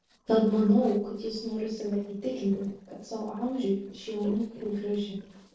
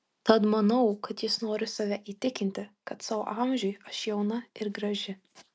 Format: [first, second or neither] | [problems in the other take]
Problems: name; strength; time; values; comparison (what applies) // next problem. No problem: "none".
second | noise reduction (neural separator model SepFormer DNS4)